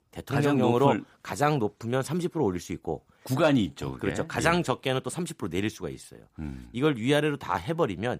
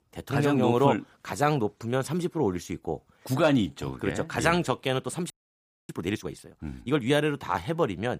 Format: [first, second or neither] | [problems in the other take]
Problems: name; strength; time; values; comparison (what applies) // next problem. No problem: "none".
first | audio freezing; at 5.5 s for 0.5 s